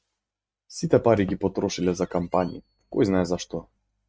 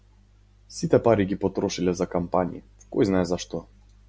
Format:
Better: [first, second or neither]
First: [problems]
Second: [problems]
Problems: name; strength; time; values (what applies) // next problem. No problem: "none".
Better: second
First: noise reduction (neural mask model RNNoise)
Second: none